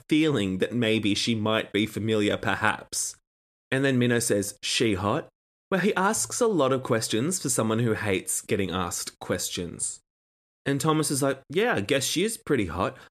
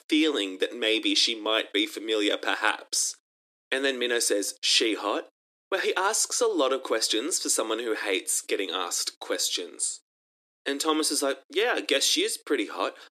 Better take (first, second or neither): first